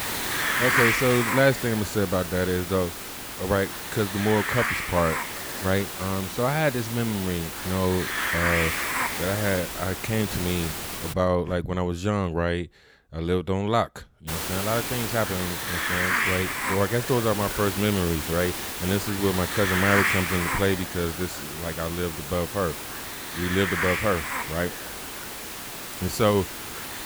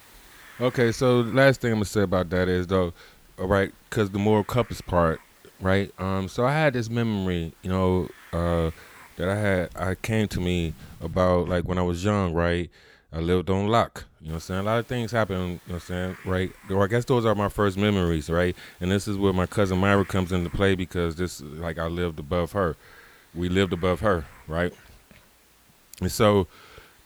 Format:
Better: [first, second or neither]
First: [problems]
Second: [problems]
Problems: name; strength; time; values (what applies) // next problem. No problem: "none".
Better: second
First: hiss; loud; until 11 s and from 14 s on; 2 dB below the speech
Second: hiss; faint; until 11 s and from 14 s on; 25 dB below the speech